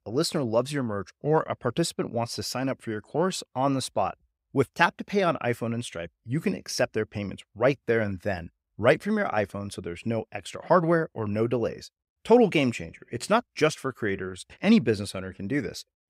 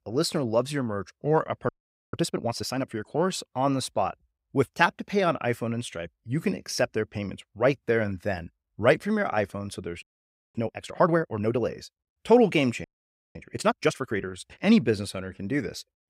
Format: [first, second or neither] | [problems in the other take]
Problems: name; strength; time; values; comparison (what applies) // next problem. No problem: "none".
first | audio freezing; at 1.5 s, at 10 s for 0.5 s and at 13 s for 0.5 s